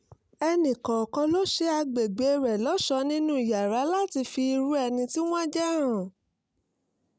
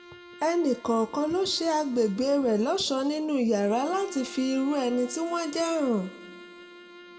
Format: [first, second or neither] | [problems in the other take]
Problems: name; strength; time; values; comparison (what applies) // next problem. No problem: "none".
first | background sound (Bowed string instrument); 20 dB below the speech // room echo; dies away in 1.3 s